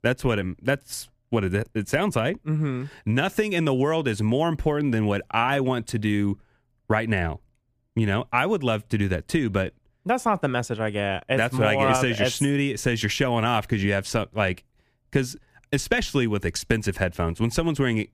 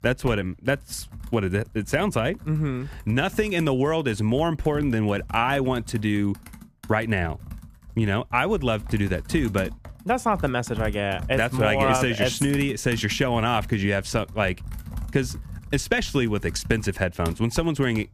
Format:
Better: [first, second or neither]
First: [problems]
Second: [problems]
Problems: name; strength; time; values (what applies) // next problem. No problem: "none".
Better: first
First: none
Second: household noises; noticeable; throughout; 15 dB below the speech